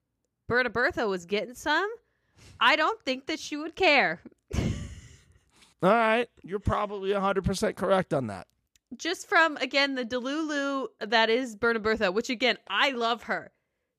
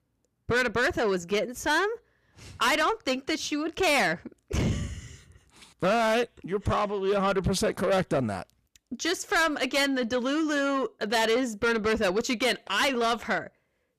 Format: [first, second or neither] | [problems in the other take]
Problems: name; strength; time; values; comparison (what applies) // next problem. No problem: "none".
first | distortion; heavy; 7 dB below the speech